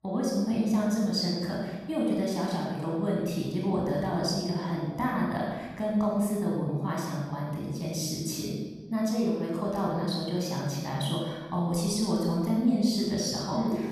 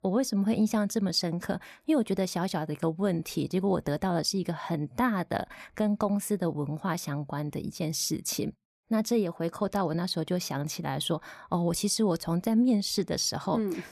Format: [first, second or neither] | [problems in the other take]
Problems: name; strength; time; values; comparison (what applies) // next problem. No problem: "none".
second | off-mic speech; far // room echo; noticeable; dies away in 1.2 s